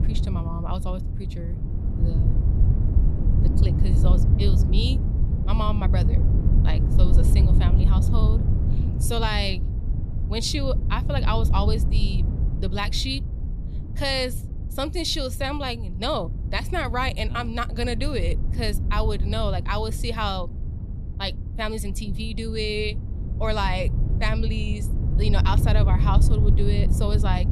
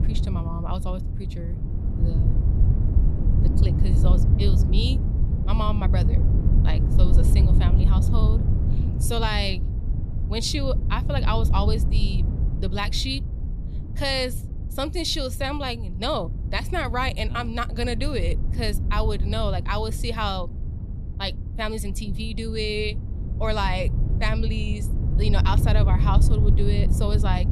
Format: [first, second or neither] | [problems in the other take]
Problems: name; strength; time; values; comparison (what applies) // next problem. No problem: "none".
neither | wind noise on the microphone; heavy; 10 dB below the speech; the same in both